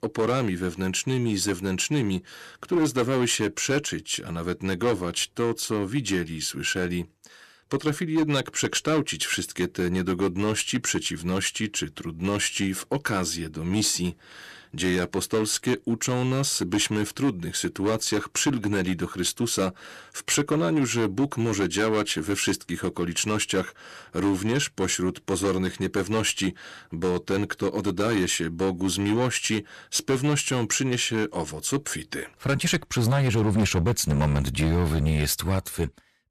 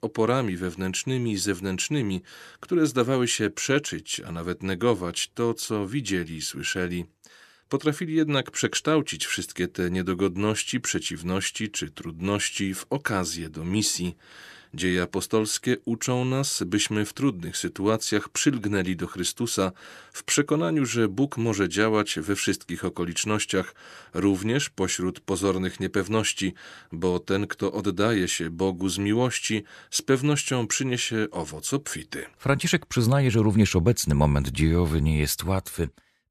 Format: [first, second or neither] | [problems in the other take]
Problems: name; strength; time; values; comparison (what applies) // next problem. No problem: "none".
second | distortion; slight; 7% of the sound clipped